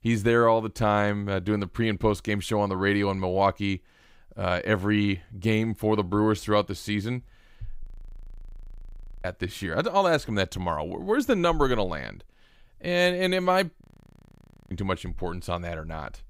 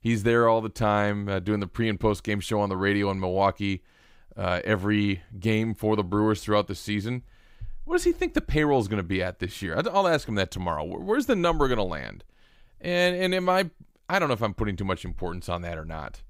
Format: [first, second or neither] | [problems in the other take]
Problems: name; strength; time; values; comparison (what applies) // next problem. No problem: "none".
second | audio freezing; at 8 s for 1.5 s and at 14 s for 1 s